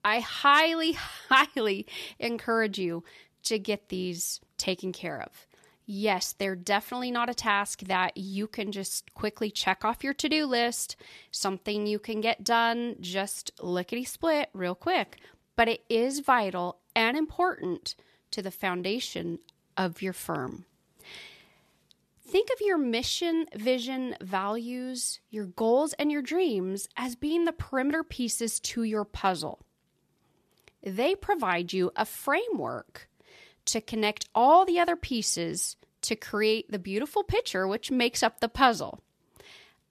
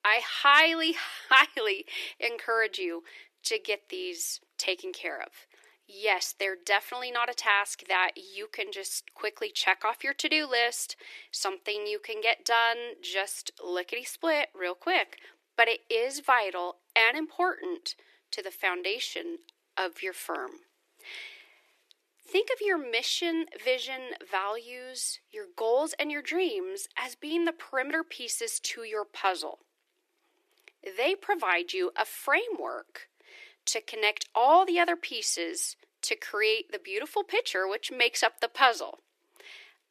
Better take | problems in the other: first | thin; very; fading below 350 Hz

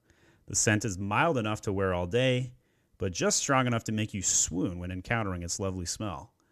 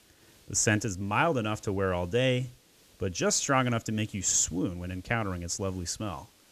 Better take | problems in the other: first | hiss; faint; throughout; 30 dB below the speech

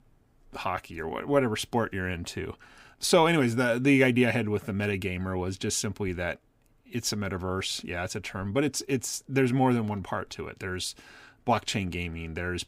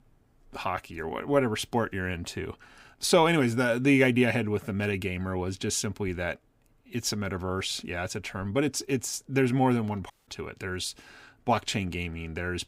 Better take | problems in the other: first | audio cutting out; at 10 s

